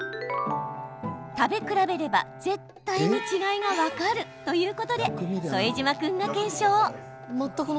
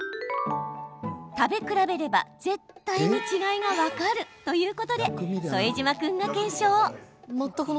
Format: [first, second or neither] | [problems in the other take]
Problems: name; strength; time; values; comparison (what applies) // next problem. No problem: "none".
second | background sound (Bowed string instrument); 17 dB below the speech